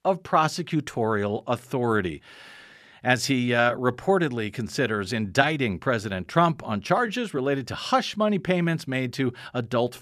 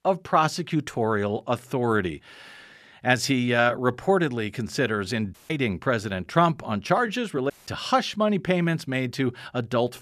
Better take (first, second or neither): first